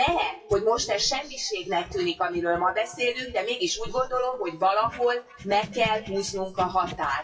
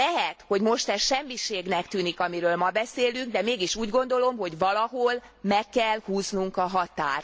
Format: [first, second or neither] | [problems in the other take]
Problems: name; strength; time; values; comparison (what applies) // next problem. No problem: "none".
second | noise reduction (classical method WPE with log-MMSE)